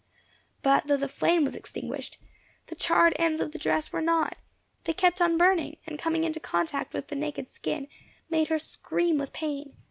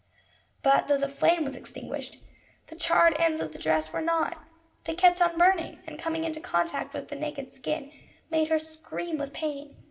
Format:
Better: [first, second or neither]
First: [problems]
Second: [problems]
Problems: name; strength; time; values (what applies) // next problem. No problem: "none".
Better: first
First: none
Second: room echo; dies away in 0.7 s